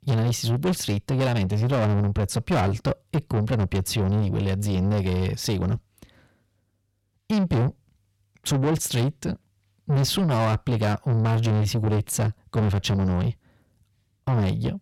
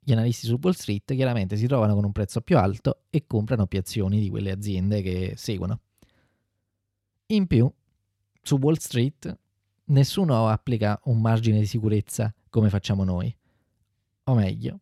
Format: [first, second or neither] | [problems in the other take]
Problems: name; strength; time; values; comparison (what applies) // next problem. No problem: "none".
second | distortion; heavy; 7 dB below the speech